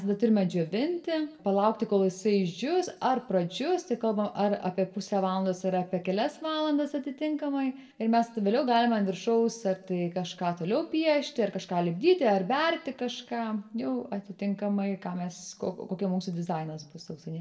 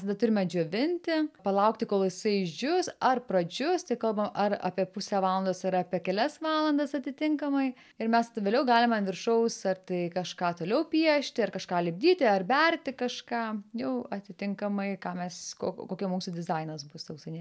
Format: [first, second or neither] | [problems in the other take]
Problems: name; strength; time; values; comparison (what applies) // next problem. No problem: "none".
second | room echo; dies away in 0.5 s